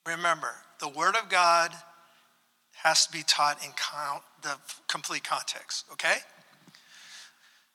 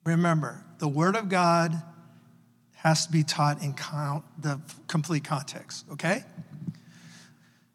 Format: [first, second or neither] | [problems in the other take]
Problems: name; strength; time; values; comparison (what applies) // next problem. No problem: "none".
second | thin; very; fading below 900 Hz